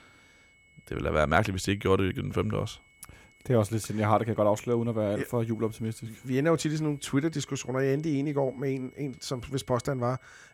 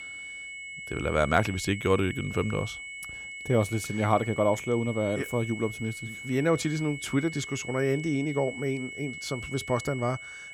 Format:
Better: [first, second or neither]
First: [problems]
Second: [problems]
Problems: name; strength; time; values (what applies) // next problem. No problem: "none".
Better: first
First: high-pitched whine; faint; throughout; 2 kHz, 30 dB below the speech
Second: high-pitched whine; loud; throughout; 2 kHz, 9 dB below the speech